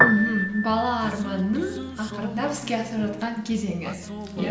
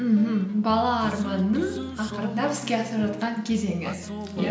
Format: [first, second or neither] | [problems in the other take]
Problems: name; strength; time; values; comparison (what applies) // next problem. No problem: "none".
second | background sound (Piano); 4 dB below the speech